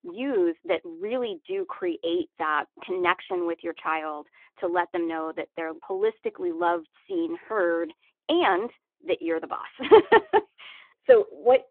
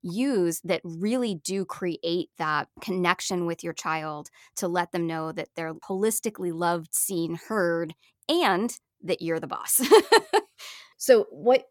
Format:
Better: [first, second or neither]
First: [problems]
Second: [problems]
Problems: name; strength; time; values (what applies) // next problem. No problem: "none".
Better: second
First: phone-call audio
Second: none